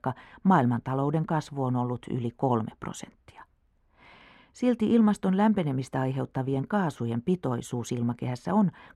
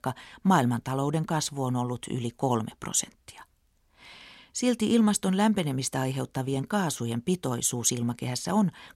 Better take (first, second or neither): second